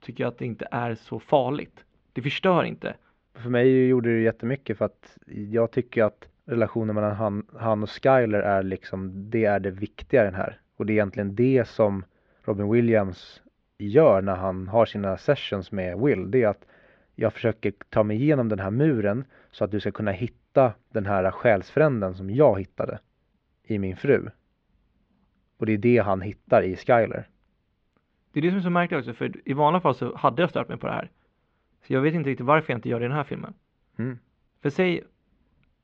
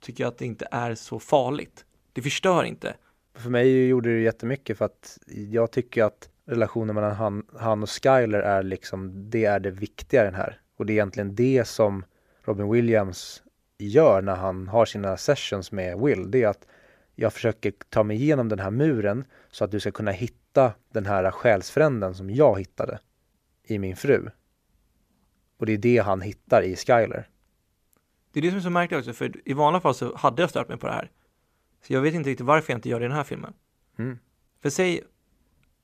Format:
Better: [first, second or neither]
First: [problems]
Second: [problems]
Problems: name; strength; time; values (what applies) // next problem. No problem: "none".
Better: second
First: muffled; slightly; fading above 3.5 kHz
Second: none